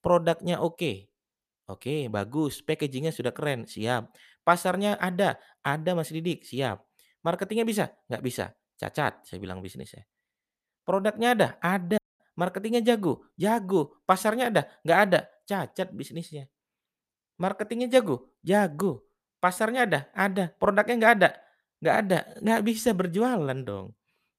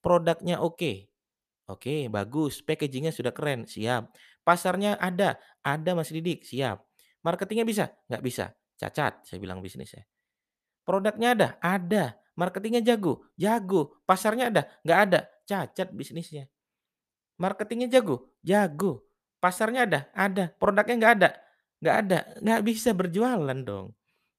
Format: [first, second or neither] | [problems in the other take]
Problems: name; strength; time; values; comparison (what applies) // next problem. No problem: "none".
second | audio cutting out; at 12 s